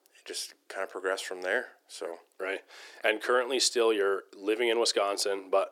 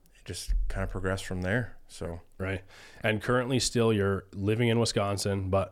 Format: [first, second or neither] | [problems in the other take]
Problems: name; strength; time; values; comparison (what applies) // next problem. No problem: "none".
second | thin; very; fading below 350 Hz